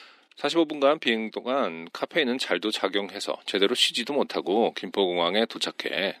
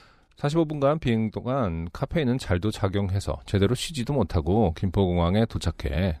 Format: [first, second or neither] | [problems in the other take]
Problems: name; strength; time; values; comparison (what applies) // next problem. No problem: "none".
second | thin; somewhat; fading below 250 Hz